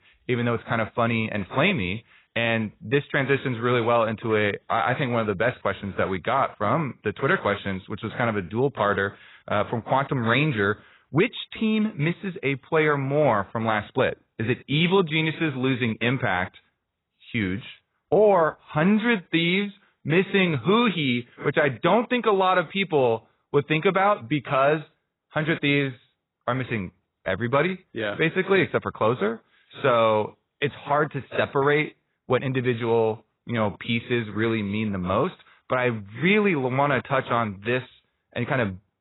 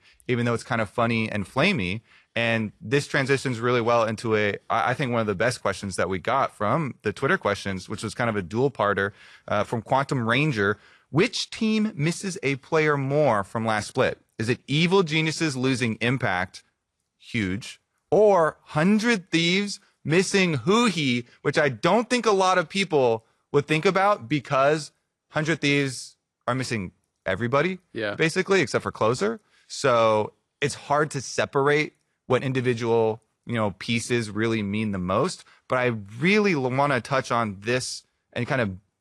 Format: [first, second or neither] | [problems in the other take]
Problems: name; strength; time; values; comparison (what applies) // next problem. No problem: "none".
second | garbled, watery; badly; nothing above 4 kHz; slightly in the second